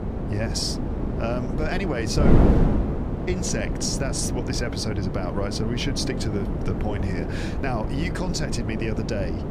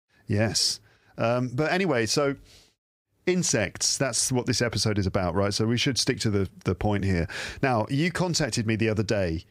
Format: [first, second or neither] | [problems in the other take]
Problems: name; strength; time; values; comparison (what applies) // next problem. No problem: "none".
second | wind noise on the microphone; heavy; 2 dB below the speech